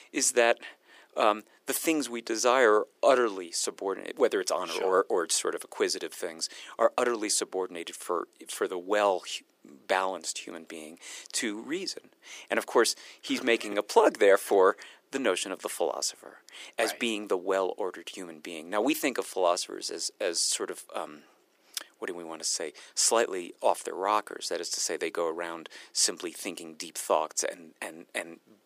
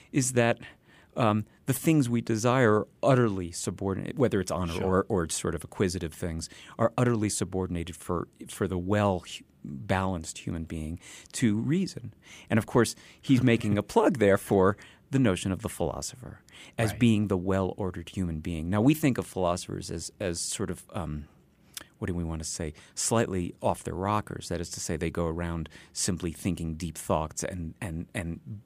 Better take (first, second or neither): second